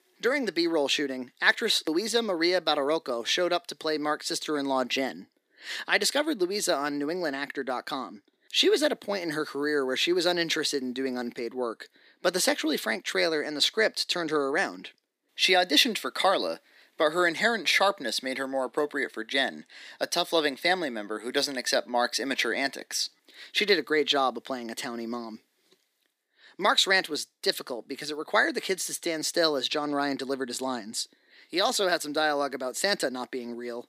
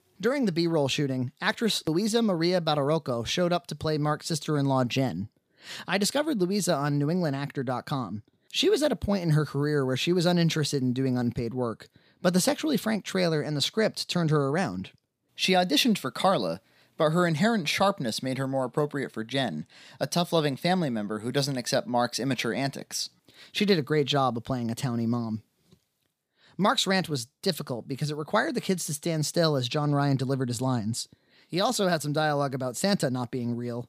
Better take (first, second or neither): second